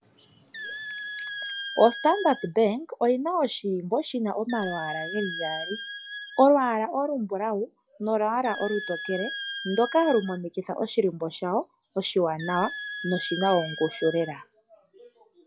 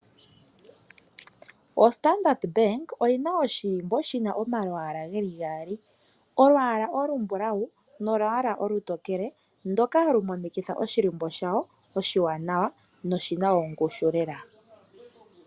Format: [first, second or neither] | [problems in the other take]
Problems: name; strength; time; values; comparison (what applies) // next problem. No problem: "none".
second | noise reduction (classical method log-MMSE)